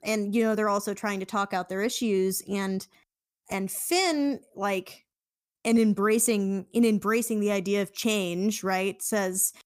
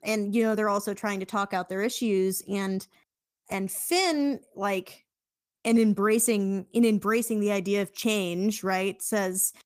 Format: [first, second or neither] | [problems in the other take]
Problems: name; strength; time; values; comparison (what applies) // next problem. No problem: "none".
first | garbled, watery; slightly; nothing above 15 kHz